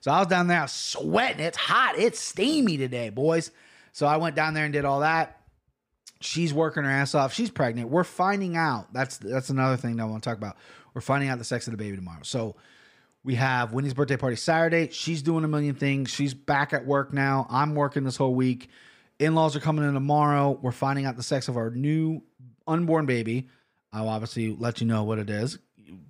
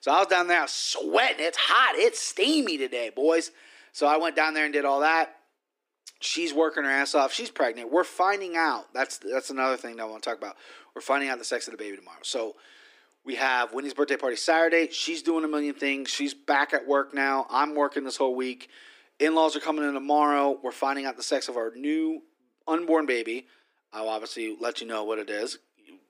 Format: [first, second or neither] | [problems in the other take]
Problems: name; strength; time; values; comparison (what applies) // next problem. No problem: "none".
first | thin; somewhat; fading below 300 Hz